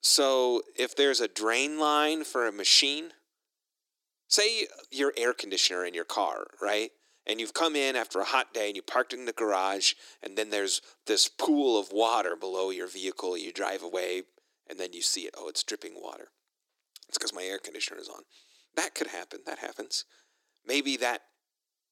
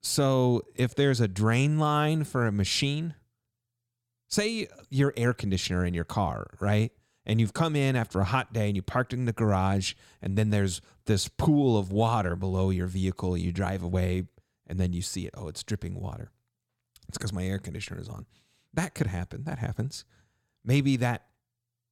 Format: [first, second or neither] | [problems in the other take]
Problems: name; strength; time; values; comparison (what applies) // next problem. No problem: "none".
second | thin; very; fading below 300 Hz